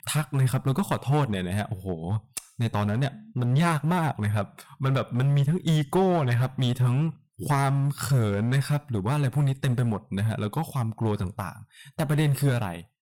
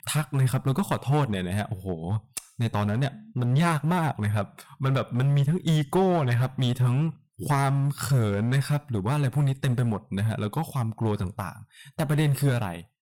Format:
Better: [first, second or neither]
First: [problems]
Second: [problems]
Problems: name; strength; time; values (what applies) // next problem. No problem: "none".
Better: neither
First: distortion; slight; 8% of the sound clipped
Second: distortion; slight; 8% of the sound clipped